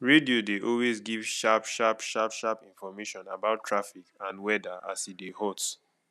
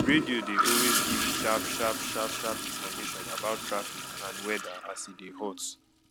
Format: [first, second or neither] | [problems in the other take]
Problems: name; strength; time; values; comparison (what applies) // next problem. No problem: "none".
first | background sound (Toilet flush / Gurgling); 1 dB above the speech